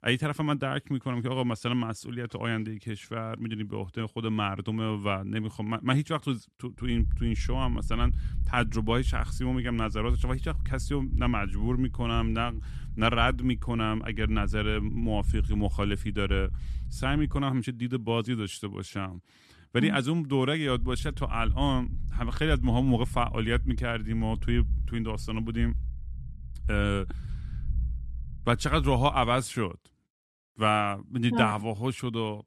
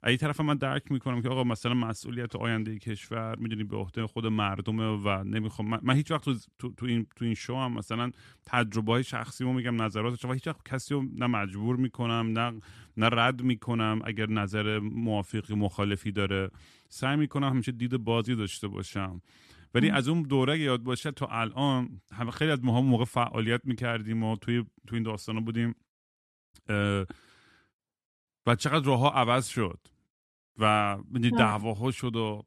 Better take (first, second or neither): second